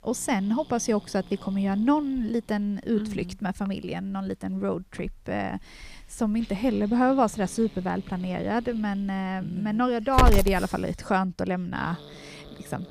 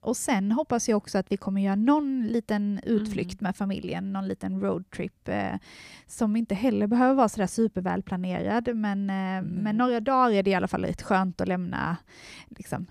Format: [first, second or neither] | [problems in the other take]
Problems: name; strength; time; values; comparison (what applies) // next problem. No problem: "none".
second | hiss; loud; throughout; 5 dB below the speech